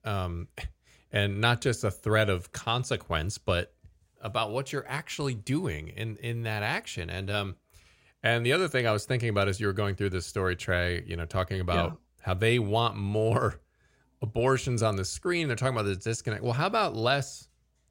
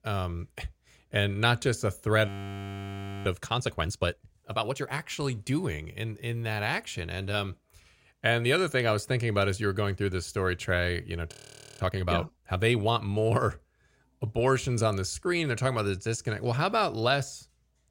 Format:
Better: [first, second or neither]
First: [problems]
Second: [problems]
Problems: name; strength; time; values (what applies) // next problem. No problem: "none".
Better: first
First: none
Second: audio freezing; at 2.5 s for 1 s and at 11 s